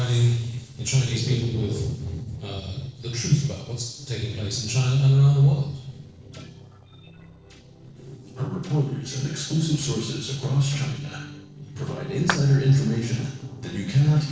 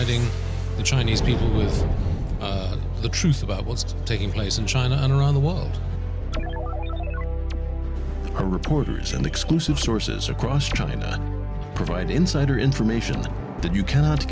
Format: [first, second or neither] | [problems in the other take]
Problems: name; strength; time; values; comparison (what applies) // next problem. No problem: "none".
second | noise reduction (neural separator model SepFormer DNS4)